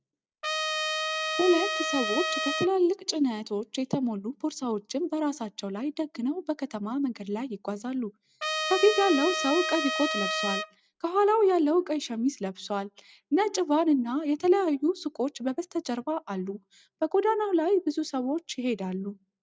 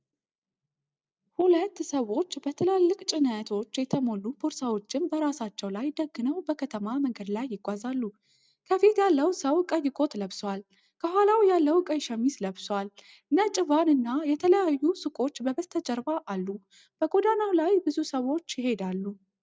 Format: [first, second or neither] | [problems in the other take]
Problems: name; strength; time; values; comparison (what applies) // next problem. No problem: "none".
second | background sound (Trumpet); 2 dB below the speech